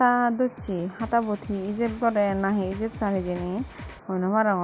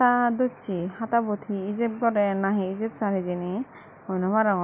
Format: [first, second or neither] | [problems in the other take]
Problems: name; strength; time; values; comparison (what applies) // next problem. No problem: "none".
second | background sound (Drum kit); 16 dB below the speech